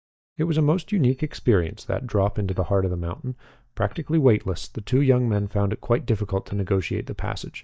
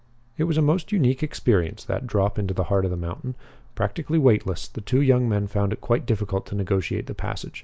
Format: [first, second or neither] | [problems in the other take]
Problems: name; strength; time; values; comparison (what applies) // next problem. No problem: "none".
second | noise reduction (neural mask model DeepFilterNet 3)